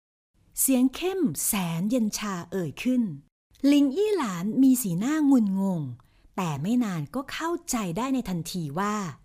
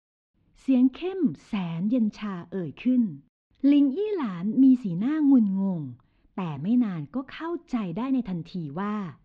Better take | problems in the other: first | muffled; very; fading above 3.5 kHz

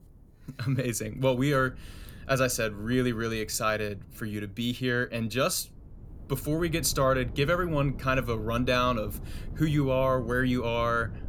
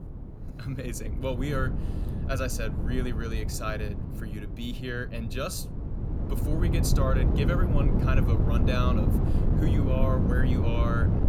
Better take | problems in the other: first | wind noise on the microphone; heavy; 4 dB below the speech; occasional gusts in the first

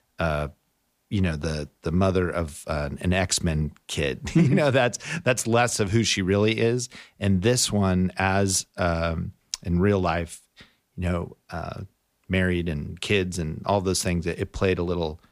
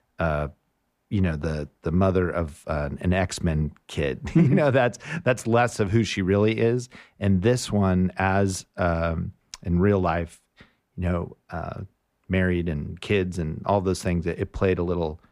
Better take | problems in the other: first | muffled; slightly; fading above 2.5 kHz

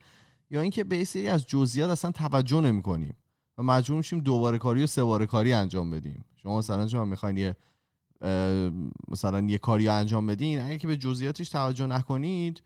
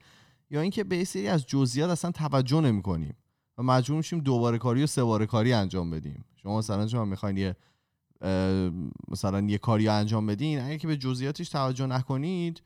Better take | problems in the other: second | garbled, watery; slightly

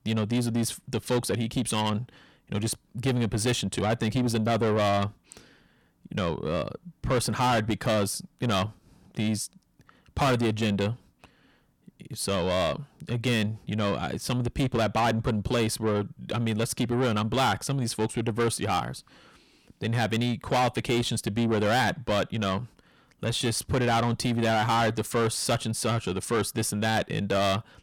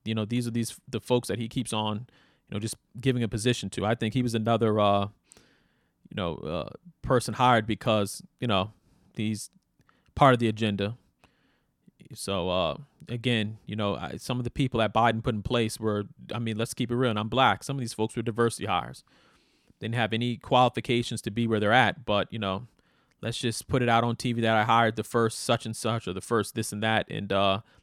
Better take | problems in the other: second | distortion; heavy; 6 dB below the speech

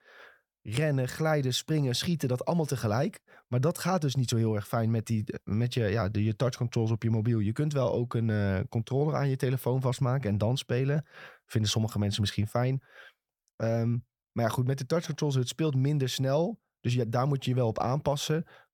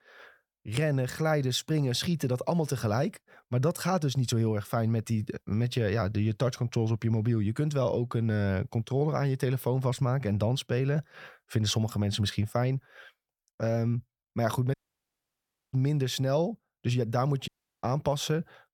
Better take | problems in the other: first | audio cutting out; at 15 s for 1 s and at 17 s

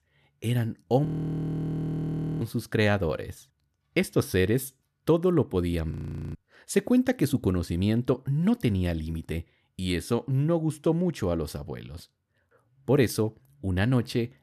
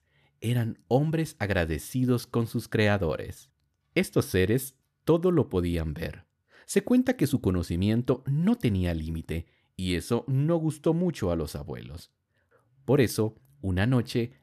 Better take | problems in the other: second | audio freezing; at 1 s for 1.5 s and at 6 s

